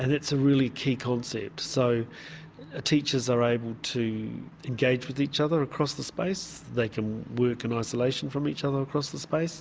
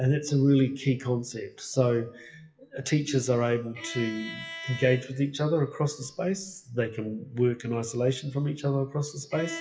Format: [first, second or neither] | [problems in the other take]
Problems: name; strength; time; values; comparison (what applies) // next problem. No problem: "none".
first | noise reduction (classical method WPE with log-MMSE)